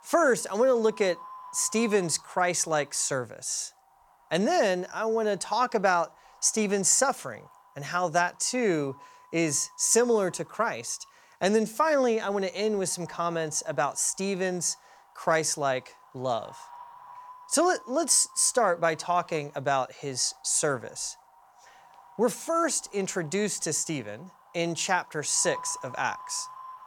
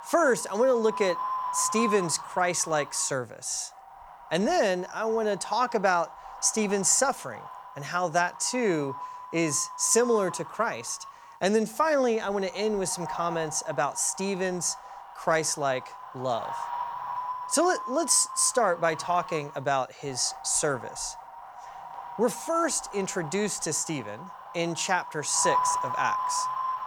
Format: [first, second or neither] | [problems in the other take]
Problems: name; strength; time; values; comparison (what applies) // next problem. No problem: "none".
first | wind noise on the microphone; heavy; 7 dB below the speech; occasional gusts in the first